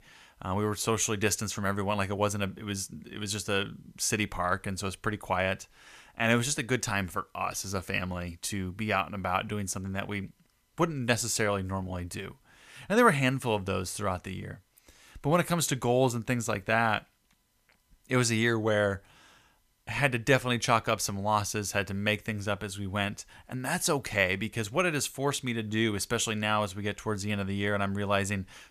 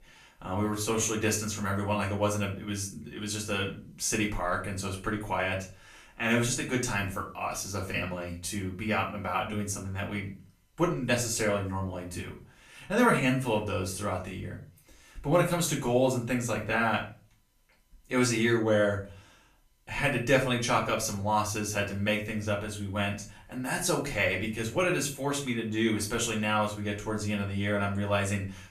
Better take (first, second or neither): first